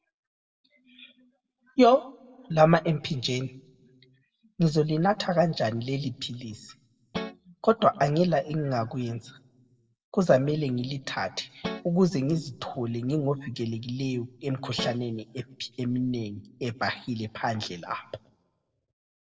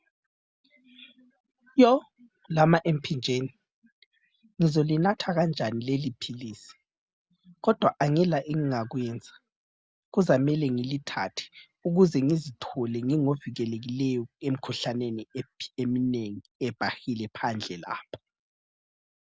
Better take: second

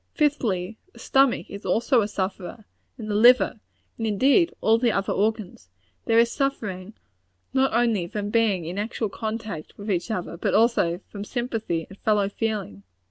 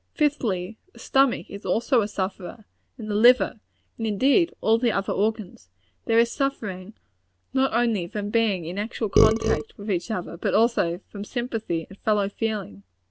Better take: first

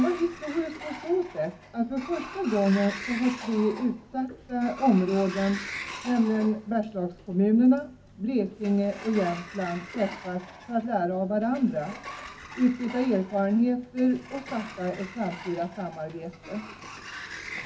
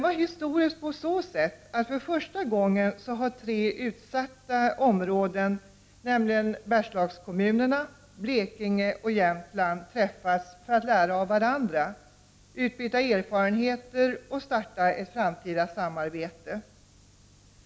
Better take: second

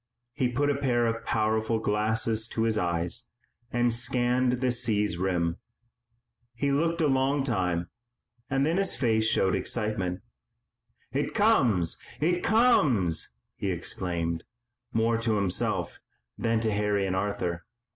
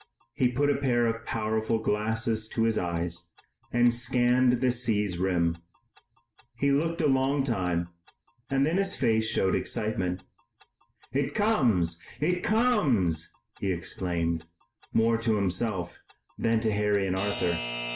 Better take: first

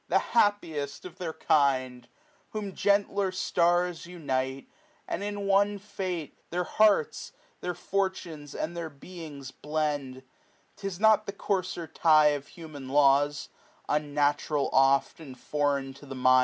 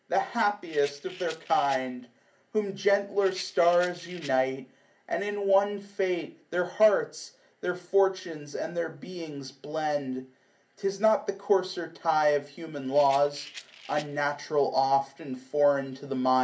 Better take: first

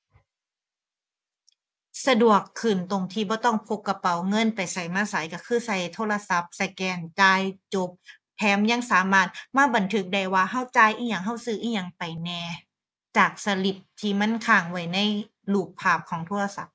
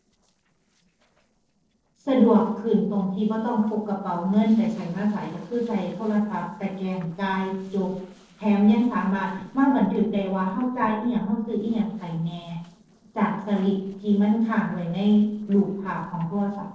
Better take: first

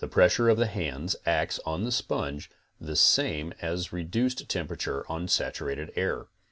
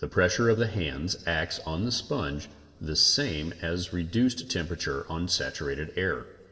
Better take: first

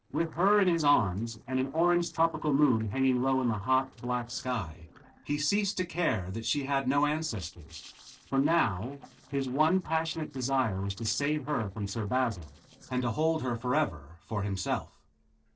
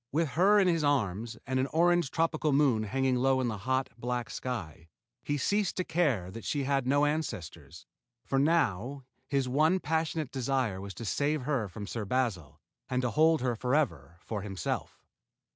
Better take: second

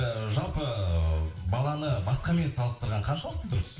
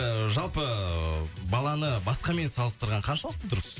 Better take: second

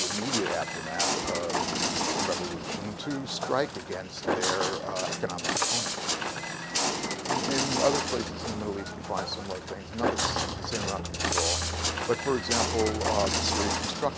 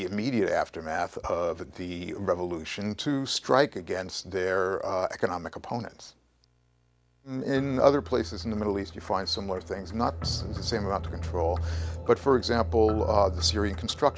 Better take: second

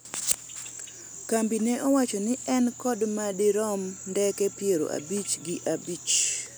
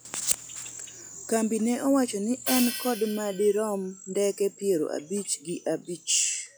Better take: first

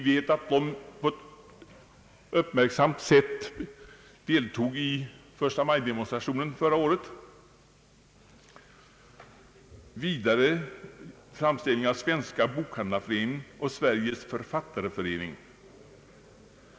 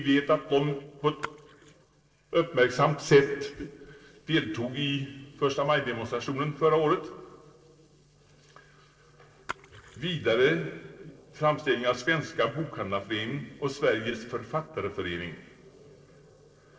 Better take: first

